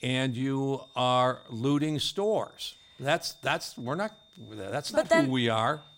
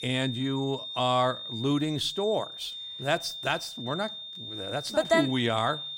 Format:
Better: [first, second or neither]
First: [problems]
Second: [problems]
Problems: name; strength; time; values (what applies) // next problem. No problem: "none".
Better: first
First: high-pitched whine; faint; throughout; 3.5 kHz, 25 dB below the speech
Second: high-pitched whine; loud; throughout; 3.5 kHz, 8 dB below the speech